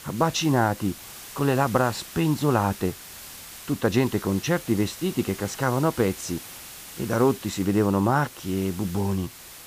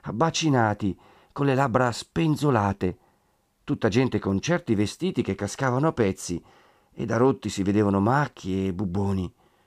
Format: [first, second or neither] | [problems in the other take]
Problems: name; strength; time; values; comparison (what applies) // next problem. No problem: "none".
second | hiss; noticeable; throughout; 15 dB below the speech